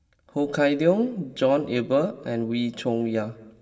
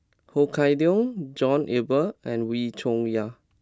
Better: second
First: room echo; dies away in 1.5 s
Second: none

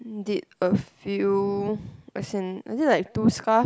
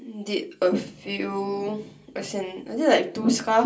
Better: first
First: none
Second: room echo; dies away in 0.3 s

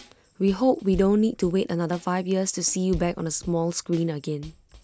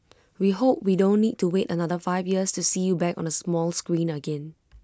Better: second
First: background sound (Drum kit); 18 dB below the speech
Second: none

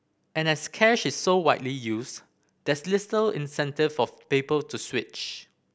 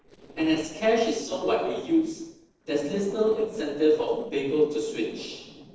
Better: first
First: none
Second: noise reduction (neural separator model SepFormer DNS4)

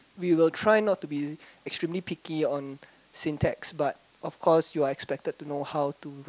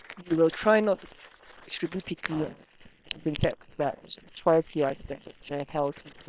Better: first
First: none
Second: noise reduction (neural separator model SepFormer WHAM!)

